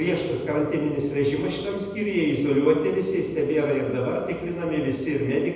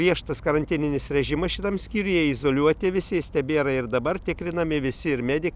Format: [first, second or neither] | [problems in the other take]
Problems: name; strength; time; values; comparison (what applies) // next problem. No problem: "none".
second | room echo; dies away in 1.1 s